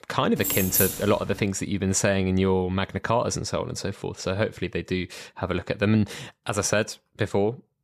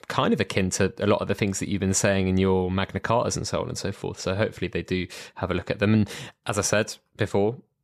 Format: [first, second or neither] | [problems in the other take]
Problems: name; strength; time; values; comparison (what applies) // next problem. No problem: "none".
second | jangling keys; loud; at 0.5 s; peak 3 dB above the speech